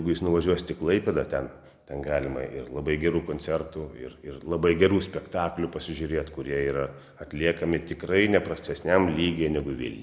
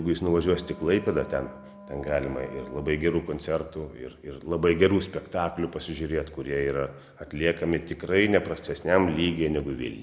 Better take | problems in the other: first | background sound (Wind instrument, woodwind instrument); 19 dB below the speech

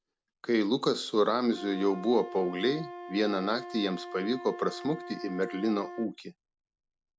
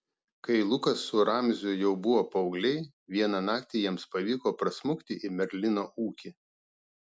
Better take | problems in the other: second | background sound (Wind instrument, woodwind instrument); 14 dB below the speech

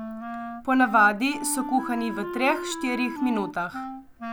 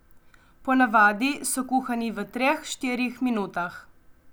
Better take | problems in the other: second | background sound (Wind instrument, woodwind instrument); 9 dB below the speech

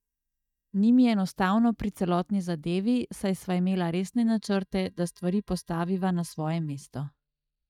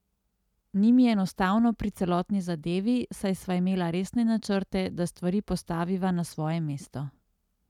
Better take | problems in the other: second | noise reduction (neural mask model DeepFilterNet 3)

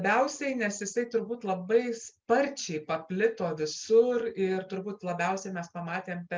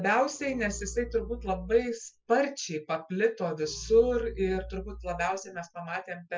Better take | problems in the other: first | noise reduction (classical method Wiener filter)

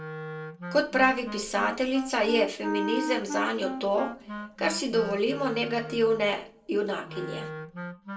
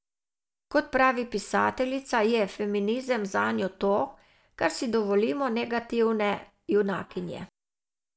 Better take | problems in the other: second | background sound (Wind instrument, woodwind instrument); 8 dB below the speech // room echo; dies away in 0.2 s

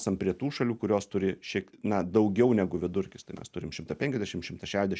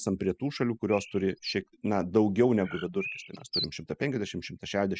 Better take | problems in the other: first | noise reduction (classical method spectral subtraction)

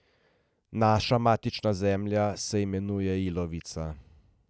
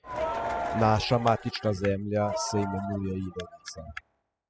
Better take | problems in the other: first | noise reduction (classical method spectral subtraction)

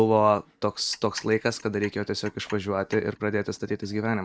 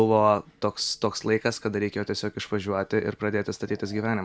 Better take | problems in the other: second | noise reduction (neural mask model DeepFilterNet 3)

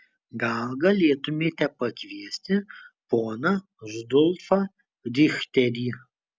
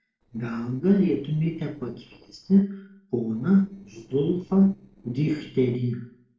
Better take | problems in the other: first | noise reduction (neural separator model SepFormer DNS4)

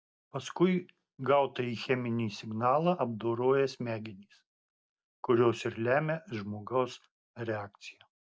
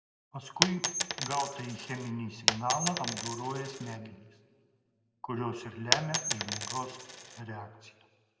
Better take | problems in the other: first | background sound (Coin (dropping)); 4 dB above the speech // room echo; dies away in 1.7 s

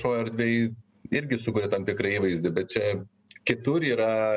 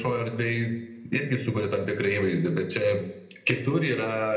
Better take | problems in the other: first | room echo; dies away in 0.7 s

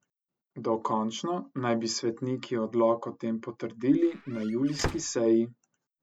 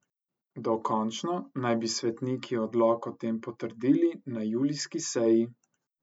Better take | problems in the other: second | background sound (Squeak / Slam / Wood); 9 dB below the speech

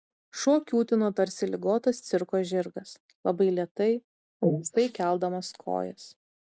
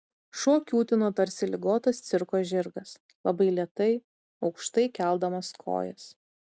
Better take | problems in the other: second | noise reduction (neural mask model Resemble Enhance denoiser)

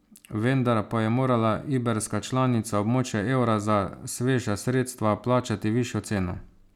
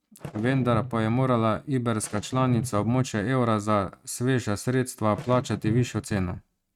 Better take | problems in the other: first | noise reduction (neural mask model RNNoise)

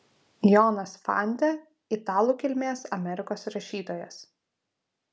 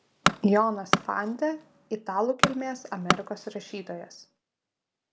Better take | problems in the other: first | background sound (Tools); 1 dB below the speech

